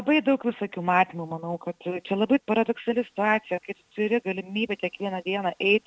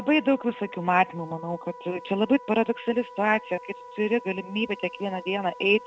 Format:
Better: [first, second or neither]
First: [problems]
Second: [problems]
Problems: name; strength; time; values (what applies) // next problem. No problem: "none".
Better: first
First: none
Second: background sound (Wind instrument, woodwind instrument); 18 dB below the speech